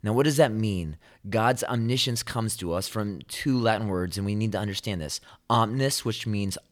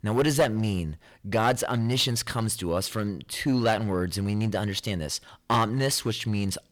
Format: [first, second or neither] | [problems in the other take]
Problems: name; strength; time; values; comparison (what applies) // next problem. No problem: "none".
first | distortion; slight; 5% of the sound clipped